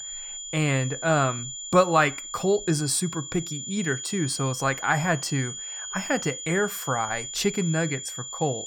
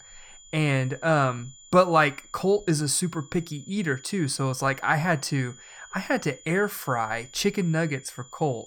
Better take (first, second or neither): second